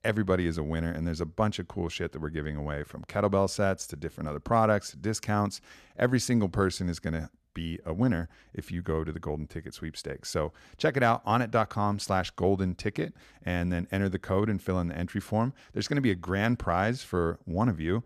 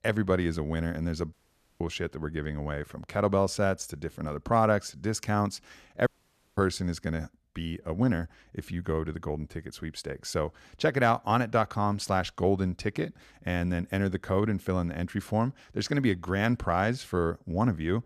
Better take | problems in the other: first | audio cutting out; at 1.5 s and at 6 s for 0.5 s

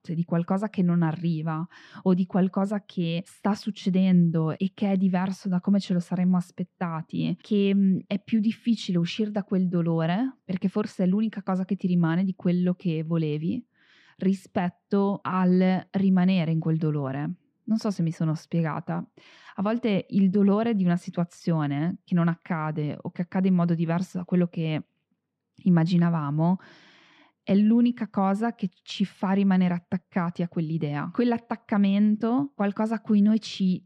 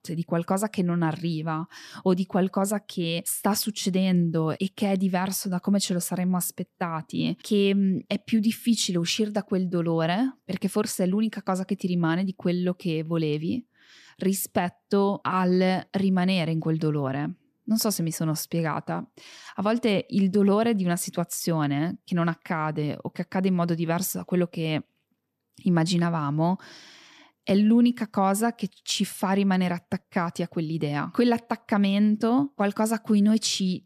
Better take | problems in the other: second | muffled; slightly; fading above 3 kHz

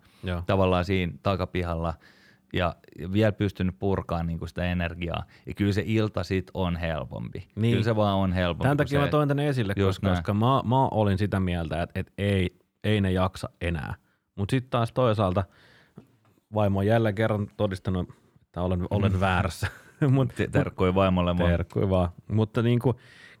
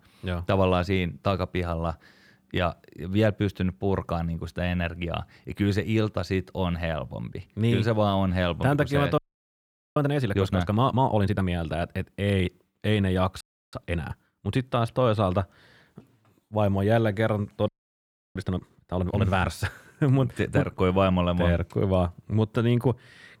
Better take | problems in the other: first | audio freezing; at 9 s for 1 s, at 13 s and at 18 s for 0.5 s

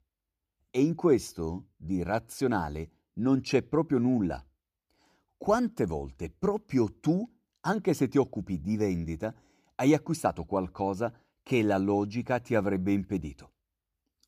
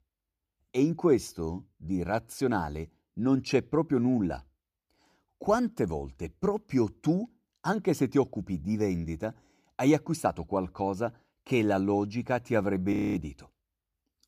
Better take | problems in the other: first | audio freezing; at 13 s

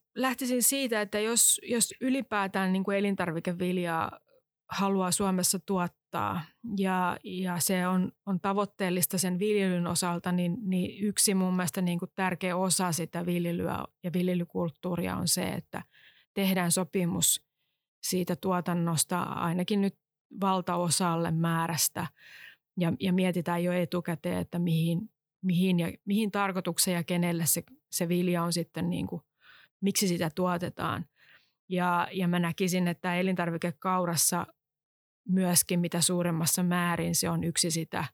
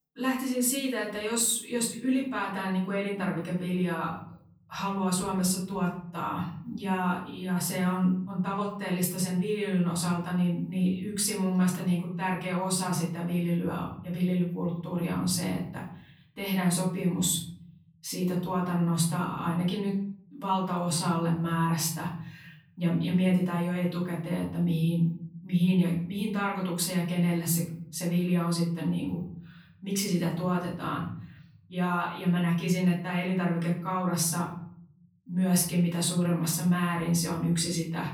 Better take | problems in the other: first | off-mic speech; far // room echo; slight; dies away in 0.8 s

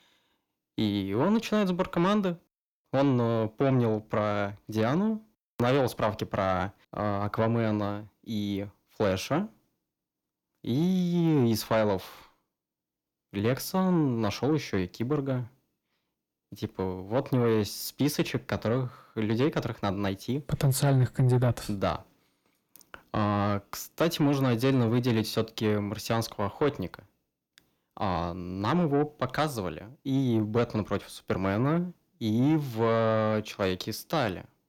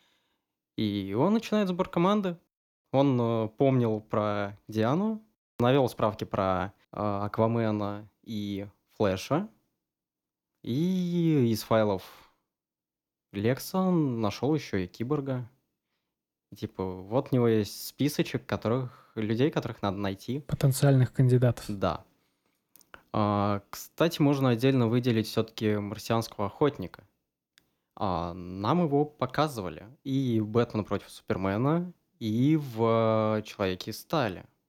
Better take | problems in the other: second | distortion; slight; 10 dB below the speech

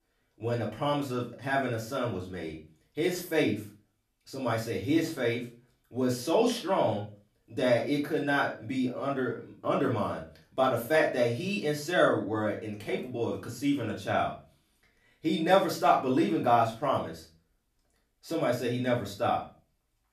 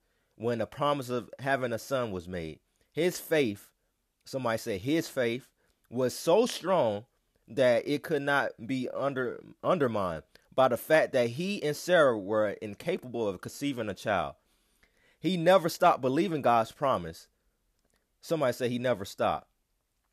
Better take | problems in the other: second | off-mic speech; far // room echo; slight; dies away in 0.3 s

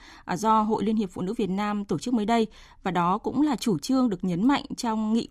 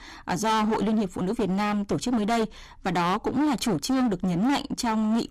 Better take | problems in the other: first | distortion; heavy; 24% of the sound clipped

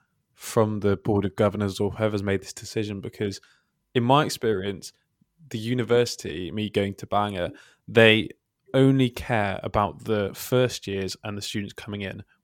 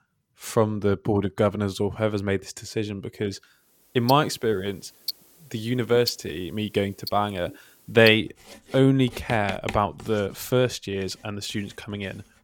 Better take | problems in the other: first | household noises; noticeable; from 3.5 s on; 10 dB below the speech

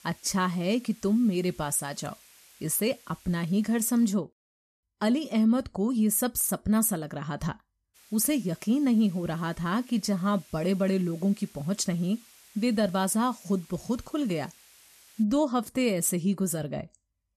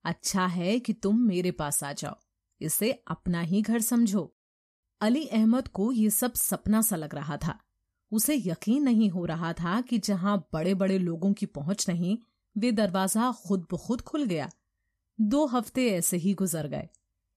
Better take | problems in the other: second | hiss; faint; until 4 s and from 8 to 15 s; 25 dB below the speech

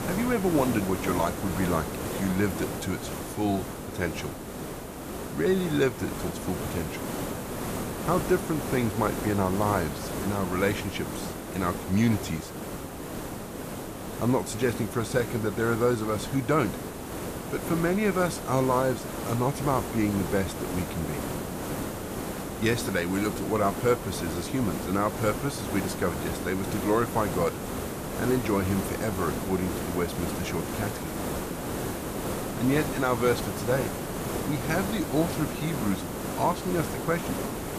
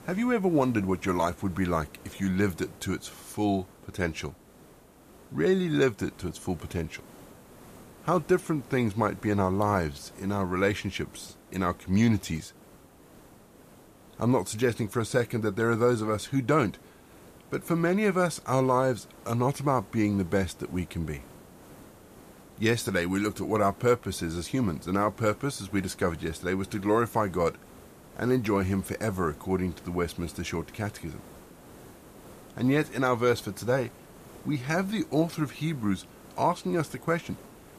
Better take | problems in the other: second | hiss; loud; throughout; 5 dB below the speech; faint in the second

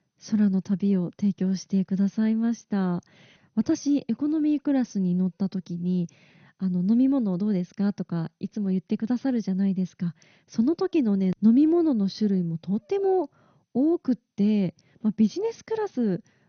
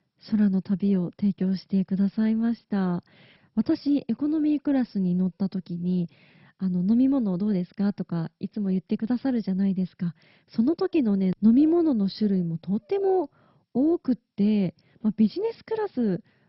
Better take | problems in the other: first | garbled, watery; badly; nothing above 5.5 kHz; slightly in the first

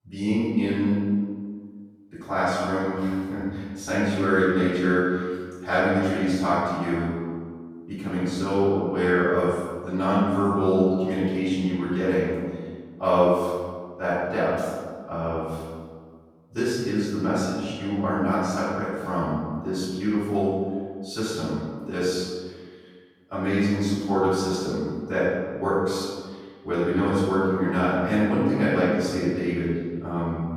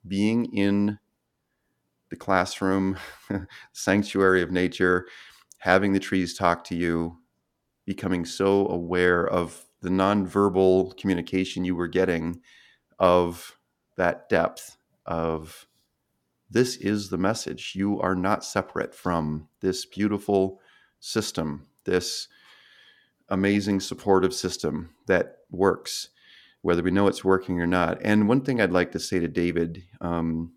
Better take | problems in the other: second | off-mic speech; far // room echo; strong; dies away in 1.5 s

